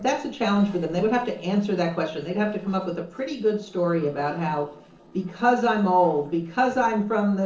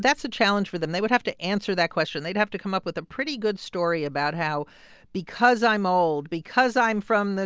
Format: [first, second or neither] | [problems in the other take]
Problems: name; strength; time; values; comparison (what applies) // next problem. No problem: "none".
second | noise reduction (neural separator model SepFormer DNS4)